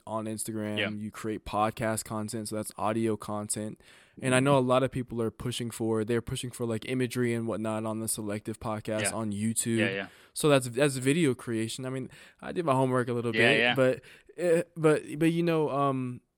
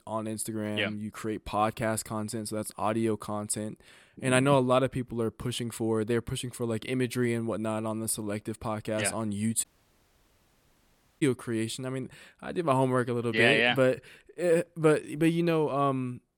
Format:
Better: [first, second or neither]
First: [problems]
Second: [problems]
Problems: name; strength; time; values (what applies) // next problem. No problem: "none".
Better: first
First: none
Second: audio cutting out; at 9.5 s for 1.5 s